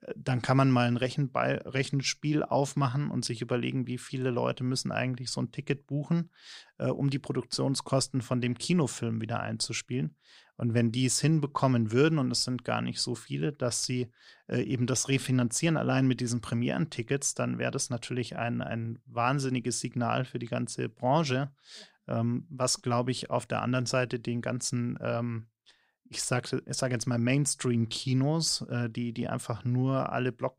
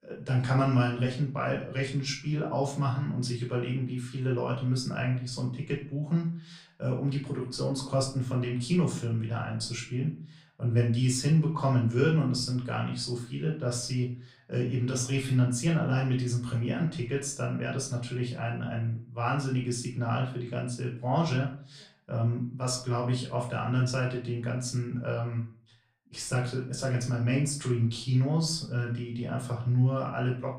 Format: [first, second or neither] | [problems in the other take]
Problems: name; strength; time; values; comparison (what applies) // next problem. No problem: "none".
first | off-mic speech; far // room echo; slight; dies away in 0.4 s